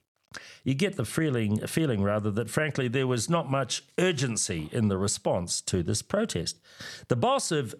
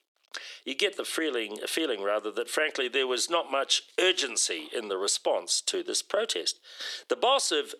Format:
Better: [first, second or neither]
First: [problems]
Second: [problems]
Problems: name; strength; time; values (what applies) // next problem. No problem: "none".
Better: first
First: none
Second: thin; very; fading below 350 Hz